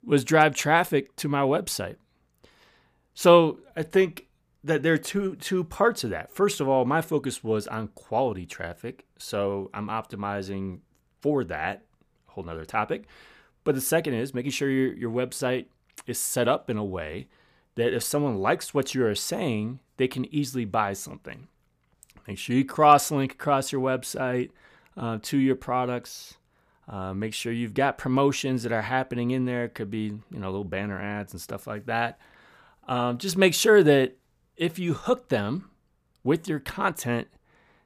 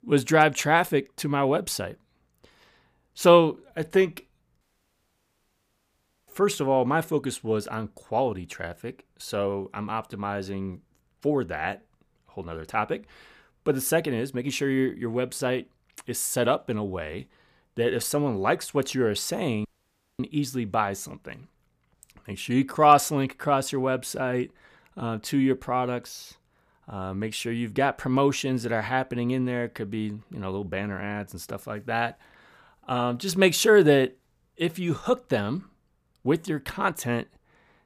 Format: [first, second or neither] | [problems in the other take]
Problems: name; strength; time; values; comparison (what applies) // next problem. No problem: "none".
first | audio cutting out; at 4.5 s for 1.5 s and at 20 s for 0.5 s